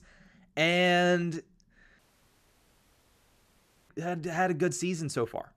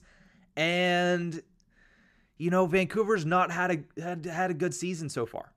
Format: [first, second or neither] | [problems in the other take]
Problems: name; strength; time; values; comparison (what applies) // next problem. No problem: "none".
second | audio cutting out; at 2 s for 2 s